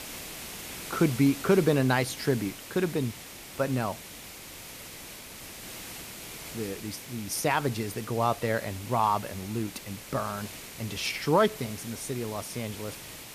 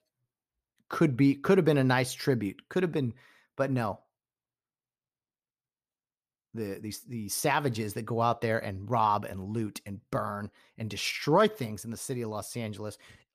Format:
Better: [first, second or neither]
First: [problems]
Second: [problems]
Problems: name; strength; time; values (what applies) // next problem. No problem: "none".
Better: second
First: hiss; noticeable; throughout; 10 dB below the speech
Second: none